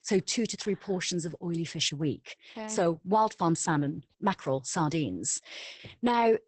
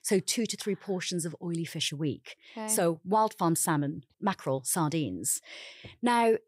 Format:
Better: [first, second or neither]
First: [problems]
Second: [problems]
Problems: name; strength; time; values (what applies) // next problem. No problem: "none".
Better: second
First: garbled, watery; badly; nothing above 8 kHz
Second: none